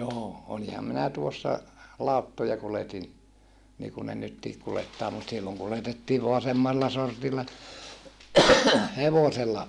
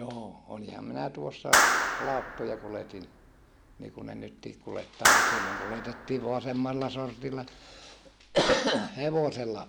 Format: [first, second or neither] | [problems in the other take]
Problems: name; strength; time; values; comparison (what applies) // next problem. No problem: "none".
first | background sound (Clapping); 3 dB above the speech